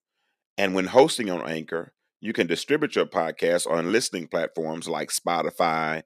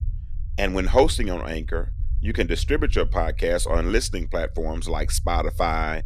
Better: first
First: none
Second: low rumble; faint; throughout; 25 dB below the speech

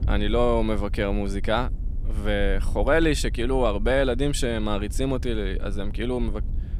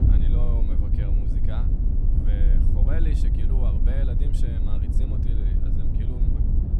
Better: first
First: wind noise on the microphone; occasional gusts; 25 dB below the speech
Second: wind noise on the microphone; heavy; 3 dB above the speech

